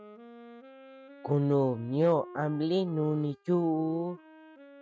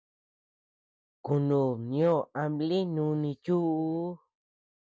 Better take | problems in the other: second | noise reduction (neural mask model RNNoise)

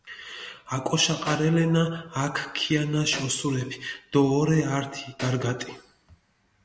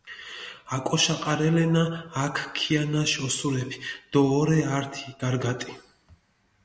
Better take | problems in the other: second | background sound (Snare drum); 18 dB below the speech

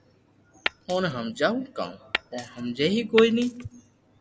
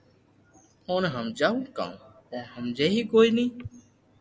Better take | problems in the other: second | background sound (Glass); 8 dB below the speech

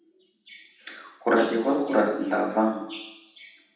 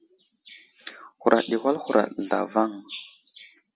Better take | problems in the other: second | room echo; dies away in 0.8 s

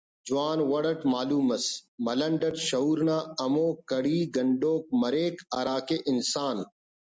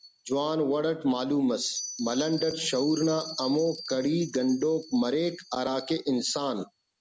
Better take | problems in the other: first | background sound (Bell); 15 dB below the speech

